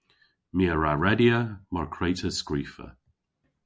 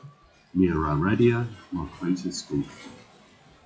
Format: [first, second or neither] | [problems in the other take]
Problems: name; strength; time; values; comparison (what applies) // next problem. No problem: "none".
first | noise reduction (classical method WPE with log-MMSE)